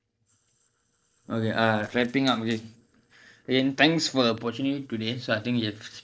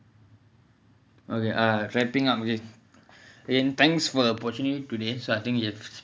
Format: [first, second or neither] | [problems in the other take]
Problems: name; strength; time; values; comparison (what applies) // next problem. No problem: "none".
second | noise reduction (neural separator model SepFormer DNS4)